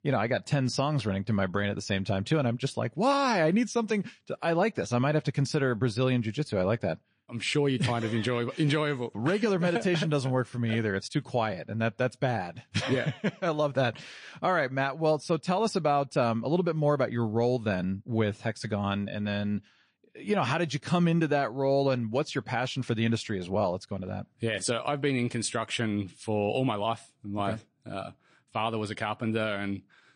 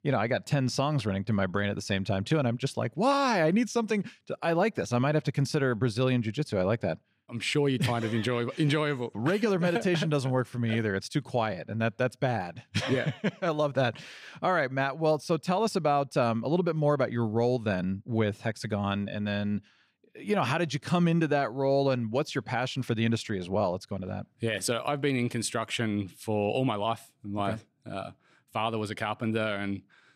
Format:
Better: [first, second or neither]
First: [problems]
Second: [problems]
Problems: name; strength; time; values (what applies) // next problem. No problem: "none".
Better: second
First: garbled, watery; slightly; nothing above 9 kHz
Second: none